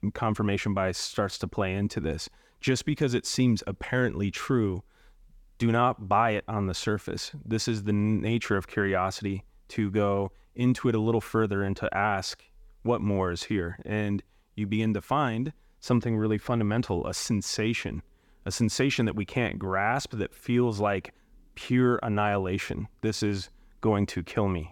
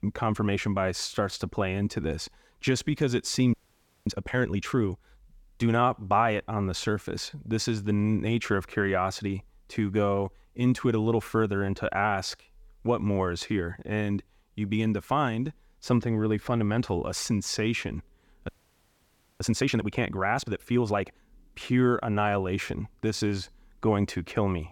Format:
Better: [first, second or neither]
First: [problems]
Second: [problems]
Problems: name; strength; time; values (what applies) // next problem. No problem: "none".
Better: first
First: none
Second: audio freezing; at 3.5 s for 0.5 s and at 18 s for 1 s